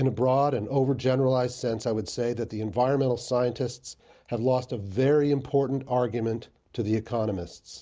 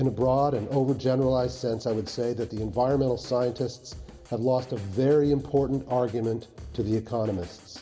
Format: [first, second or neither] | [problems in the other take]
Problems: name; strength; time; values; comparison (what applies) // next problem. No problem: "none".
first | background sound (Drum kit); 20 dB below the speech // room echo; dies away in 1.4 s